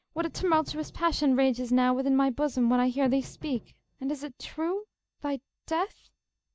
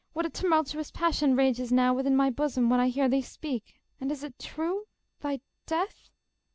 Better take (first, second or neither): second